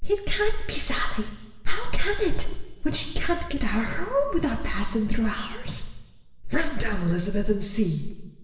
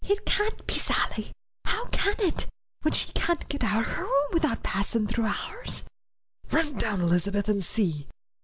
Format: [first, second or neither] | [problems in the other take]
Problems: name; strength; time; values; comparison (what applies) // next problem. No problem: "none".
second | room echo; dies away in 1.3 s